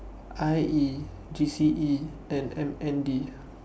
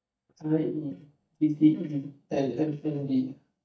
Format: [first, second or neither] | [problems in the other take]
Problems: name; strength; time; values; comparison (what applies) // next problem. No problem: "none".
first | noise reduction (neural mask model DeepFilterNet 3)